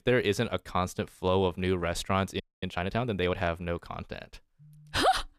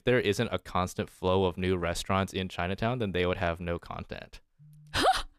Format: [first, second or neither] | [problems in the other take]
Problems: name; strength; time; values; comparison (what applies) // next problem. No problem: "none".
second | audio freezing; at 2.5 s